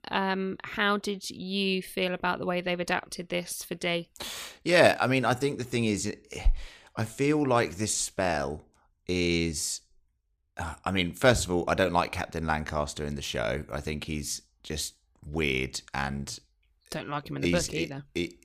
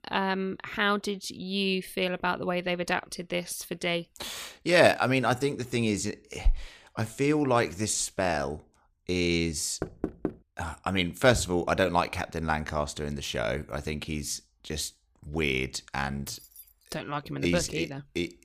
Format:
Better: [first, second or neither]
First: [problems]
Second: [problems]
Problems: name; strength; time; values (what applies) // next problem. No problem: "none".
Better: first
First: none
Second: door banging; noticeable; at 10 s; peak 6 dB below the speech // jangling keys; faint; at 16 s; peak 20 dB below the speech